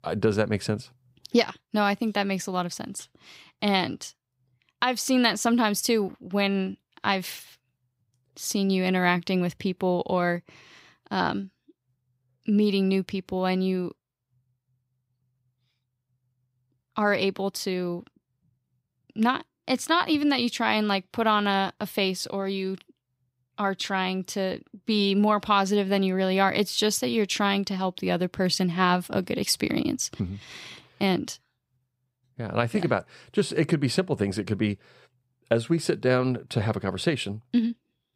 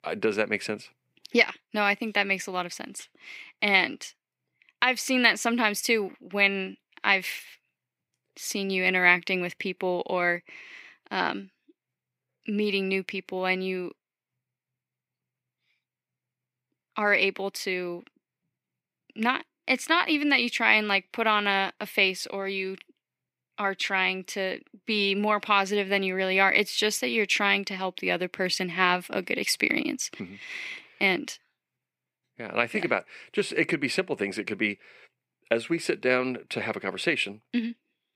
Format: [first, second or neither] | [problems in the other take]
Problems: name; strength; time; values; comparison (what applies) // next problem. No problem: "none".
first | thin; very slightly; fading below 300 Hz